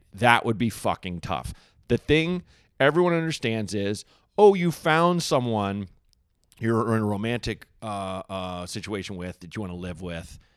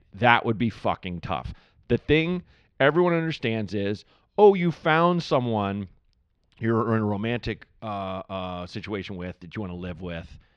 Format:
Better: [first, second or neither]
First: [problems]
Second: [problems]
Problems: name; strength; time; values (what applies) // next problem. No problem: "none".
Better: first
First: none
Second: muffled; very slightly; fading above 4 kHz